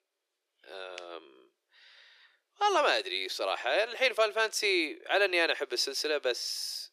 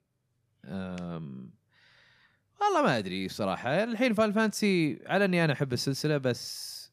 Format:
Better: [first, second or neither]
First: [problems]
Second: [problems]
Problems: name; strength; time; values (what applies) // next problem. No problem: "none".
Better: second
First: thin; very; fading below 350 Hz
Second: none